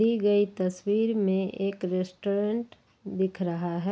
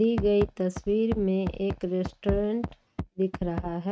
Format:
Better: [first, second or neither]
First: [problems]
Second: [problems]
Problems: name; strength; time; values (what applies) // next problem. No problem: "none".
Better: first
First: none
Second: noise reduction (neural mask model RNNoise)